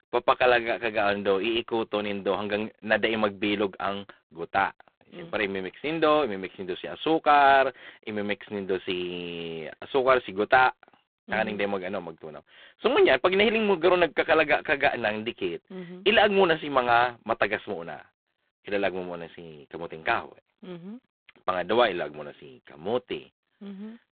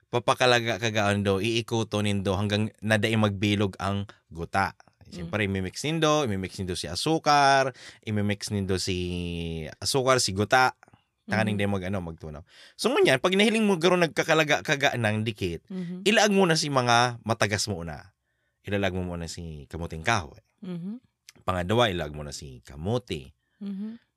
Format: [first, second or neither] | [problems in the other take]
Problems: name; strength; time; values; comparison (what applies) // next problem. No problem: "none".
second | phone-call audio; poor line; nothing above 4 kHz